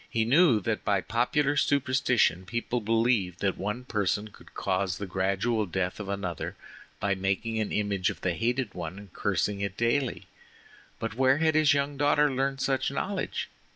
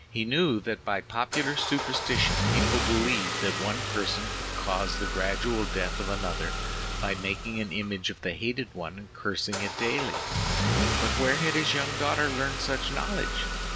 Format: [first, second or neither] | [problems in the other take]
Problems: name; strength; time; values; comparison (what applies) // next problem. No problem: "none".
first | background sound (Engine starting / Car); as loud as the speech